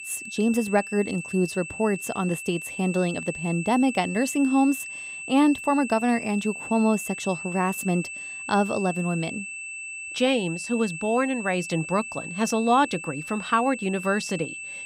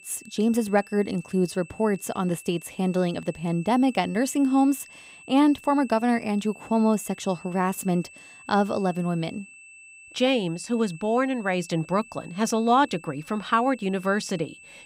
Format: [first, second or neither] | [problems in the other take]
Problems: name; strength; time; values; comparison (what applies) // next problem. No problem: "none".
second | high-pitched whine; loud; throughout; 2.5 kHz, 9 dB below the speech; faint in the second